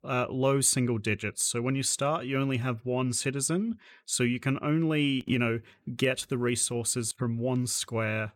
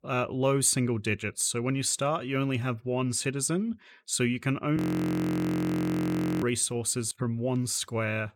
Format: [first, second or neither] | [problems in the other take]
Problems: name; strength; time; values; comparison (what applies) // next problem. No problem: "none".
first | audio freezing; at 5 s for 1.5 s